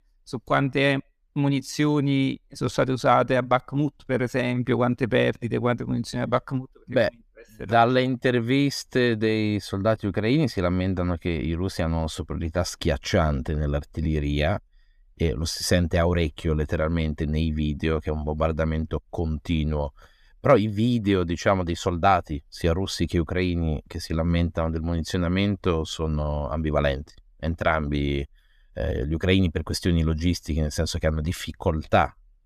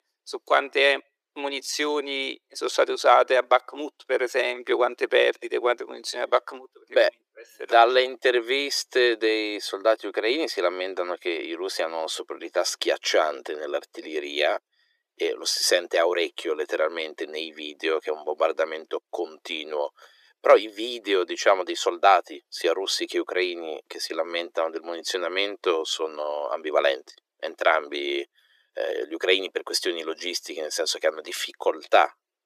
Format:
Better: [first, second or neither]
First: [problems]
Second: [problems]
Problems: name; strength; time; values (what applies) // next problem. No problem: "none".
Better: first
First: none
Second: thin; very; fading below 350 Hz